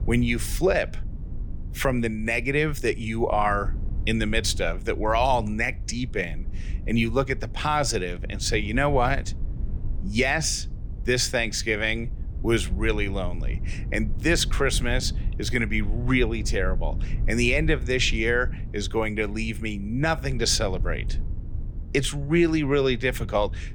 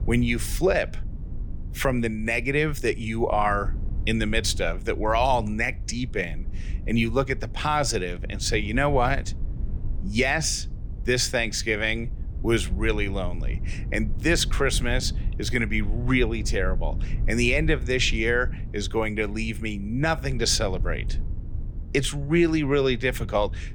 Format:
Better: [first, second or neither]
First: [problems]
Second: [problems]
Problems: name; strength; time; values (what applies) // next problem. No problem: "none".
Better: neither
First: low rumble; faint; throughout; 25 dB below the speech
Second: low rumble; faint; throughout; 25 dB below the speech